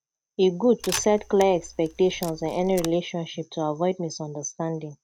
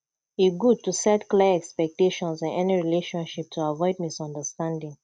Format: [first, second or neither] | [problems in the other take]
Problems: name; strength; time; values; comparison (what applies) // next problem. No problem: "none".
second | background sound (Camera); 14 dB below the speech